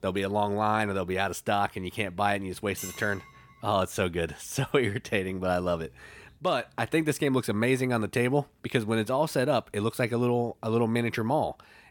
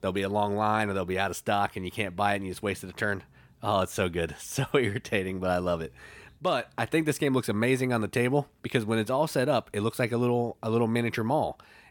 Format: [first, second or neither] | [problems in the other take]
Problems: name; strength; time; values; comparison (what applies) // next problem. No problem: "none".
second | clattering dishes; noticeable; at 3 s; peak 10 dB below the speech